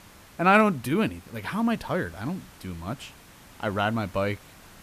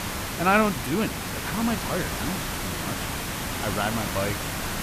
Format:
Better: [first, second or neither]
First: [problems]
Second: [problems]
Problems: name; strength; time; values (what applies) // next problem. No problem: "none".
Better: first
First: hiss; faint; throughout; 25 dB below the speech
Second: hiss; loud; throughout; 2 dB below the speech